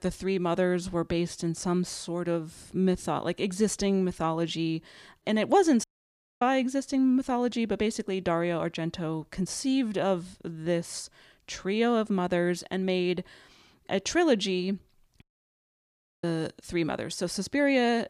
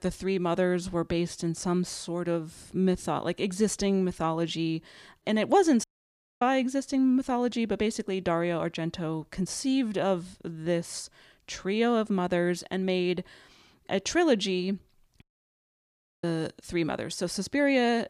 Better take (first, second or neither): neither